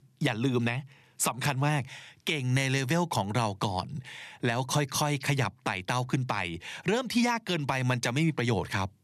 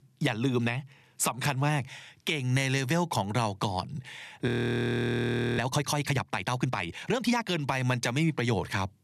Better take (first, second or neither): first